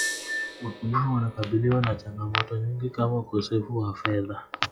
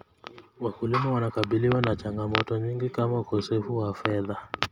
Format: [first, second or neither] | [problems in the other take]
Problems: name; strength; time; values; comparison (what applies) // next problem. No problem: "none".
second | noise reduction (classical method log-MMSE)